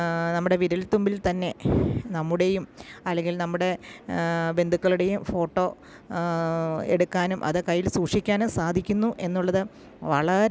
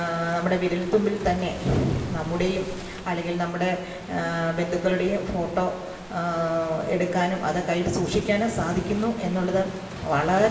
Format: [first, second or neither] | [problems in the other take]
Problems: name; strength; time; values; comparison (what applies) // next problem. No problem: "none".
first | background sound (Waves, surf); 14 dB below the speech // room echo; dies away in 1.4 s